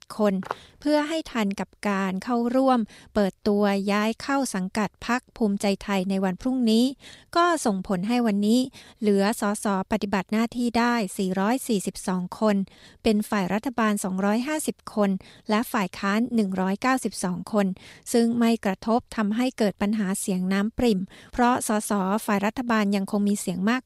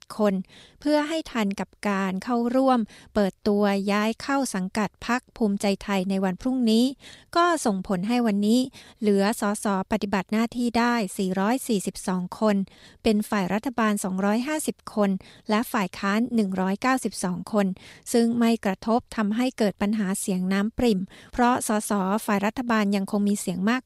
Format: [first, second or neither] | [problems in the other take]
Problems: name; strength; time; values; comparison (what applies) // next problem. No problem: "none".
second | footsteps; faint; at 0.5 s; peak 10 dB below the speech